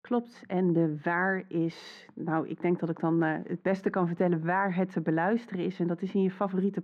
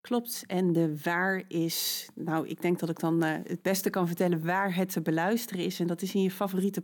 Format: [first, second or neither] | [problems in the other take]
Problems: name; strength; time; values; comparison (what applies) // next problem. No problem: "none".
second | muffled; very; fading above 1.5 kHz